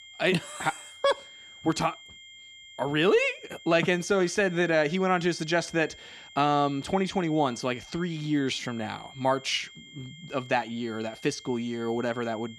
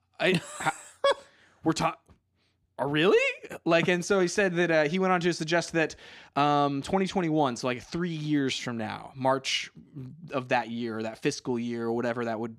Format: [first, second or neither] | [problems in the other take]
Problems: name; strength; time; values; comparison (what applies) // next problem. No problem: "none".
second | high-pitched whine; noticeable; throughout; 3 kHz, 20 dB below the speech